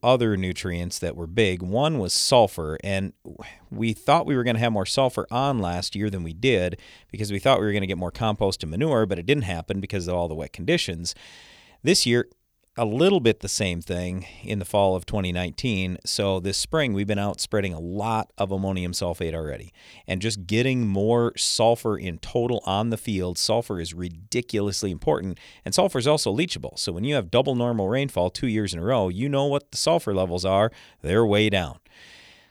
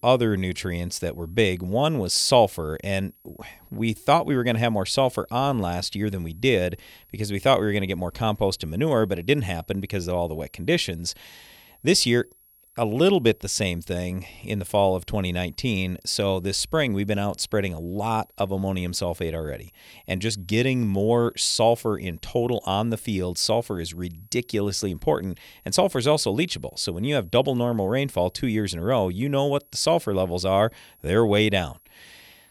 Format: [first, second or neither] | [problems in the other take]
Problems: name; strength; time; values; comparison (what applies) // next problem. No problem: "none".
first | high-pitched whine; faint; throughout; 11.5 kHz, 30 dB below the speech